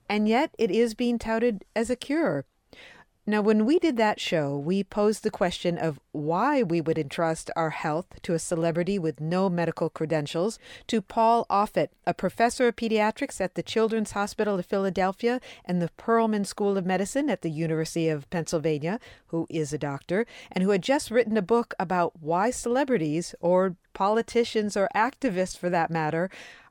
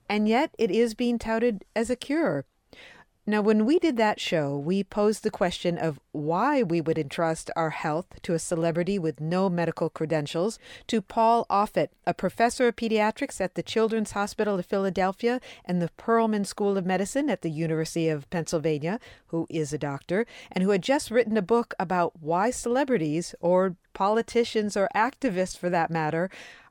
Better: neither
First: none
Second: none

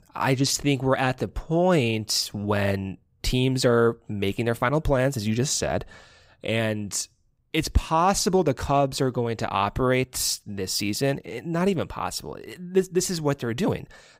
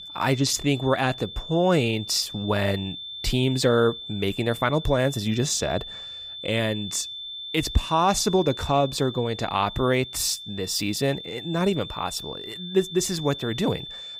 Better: first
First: none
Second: high-pitched whine; noticeable; throughout; 3.5 kHz, 10 dB below the speech

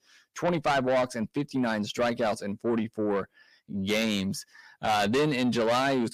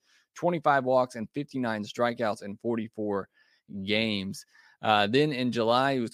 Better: second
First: distortion; heavy; 6 dB below the speech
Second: none

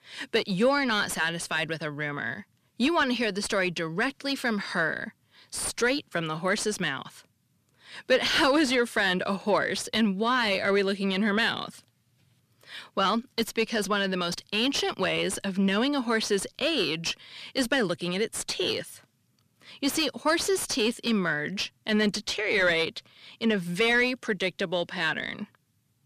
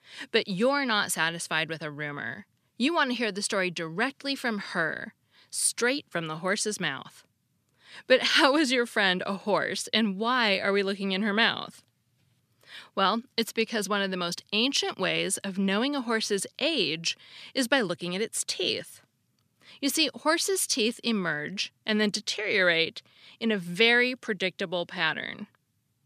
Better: second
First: distortion; slight; 10 dB below the speech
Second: none

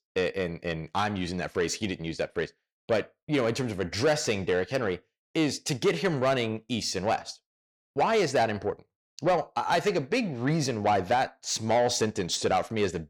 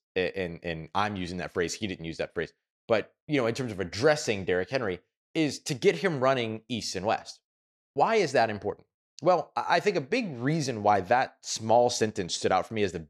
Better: second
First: distortion; slight; 10 dB below the speech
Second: none

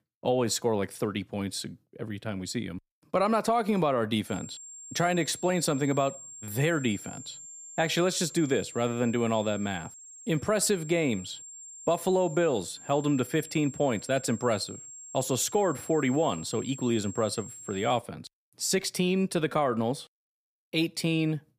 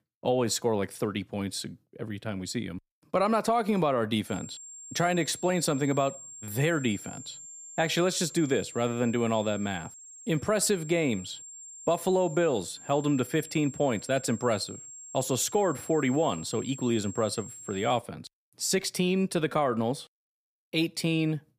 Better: neither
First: high-pitched whine; noticeable; from 4.5 to 18 s; 7.5 kHz, 15 dB below the speech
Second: high-pitched whine; noticeable; from 4.5 to 18 s; 7.5 kHz, 15 dB below the speech

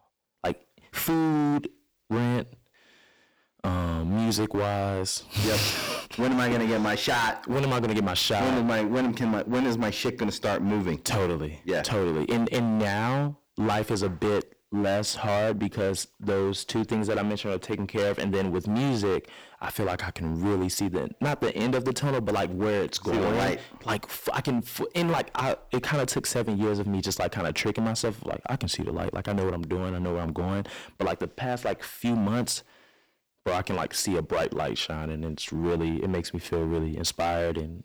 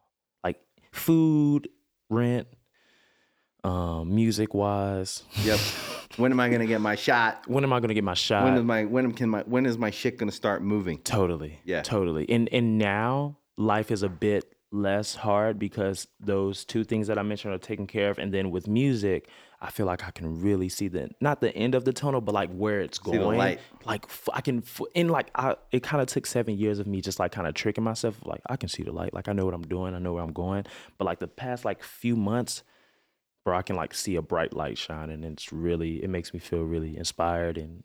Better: second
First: distortion; heavy; 18% of the sound clipped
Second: none

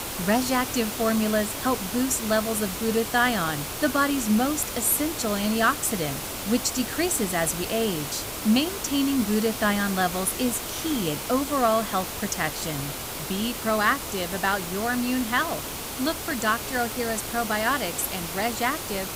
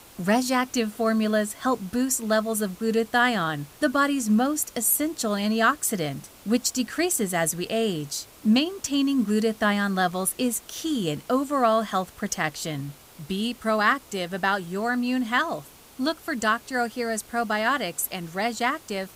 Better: second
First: hiss; loud; throughout; 5 dB below the speech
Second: hiss; faint; throughout; 25 dB below the speech

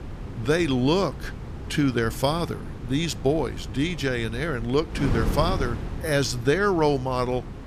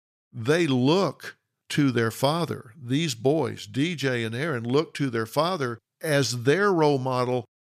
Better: second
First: wind noise on the microphone; occasional gusts; 15 dB below the speech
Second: none

